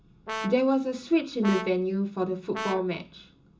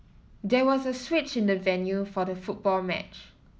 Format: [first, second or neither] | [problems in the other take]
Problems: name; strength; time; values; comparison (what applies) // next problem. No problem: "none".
second | background sound (Brass instrument); 11 dB below the speech // room echo; dies away in 0.2 s